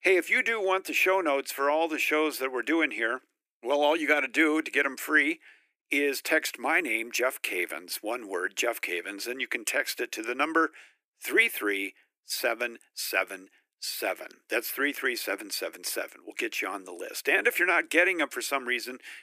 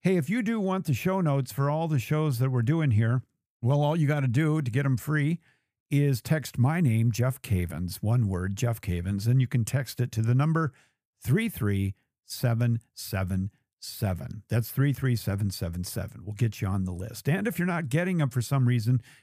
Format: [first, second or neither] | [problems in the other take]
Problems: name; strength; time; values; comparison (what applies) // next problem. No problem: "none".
second | thin; very; fading below 300 Hz